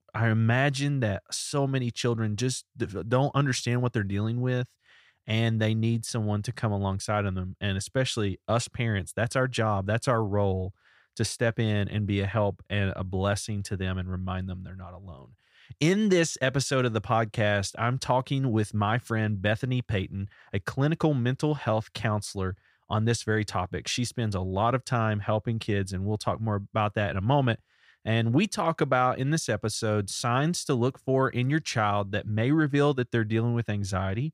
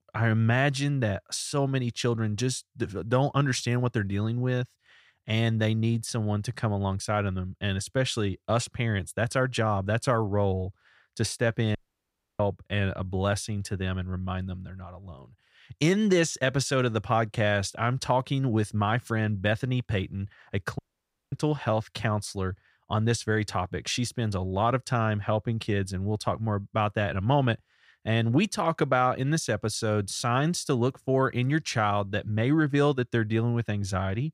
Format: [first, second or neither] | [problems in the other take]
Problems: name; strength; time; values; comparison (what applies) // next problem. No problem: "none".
first | audio cutting out; at 12 s for 0.5 s and at 21 s for 0.5 s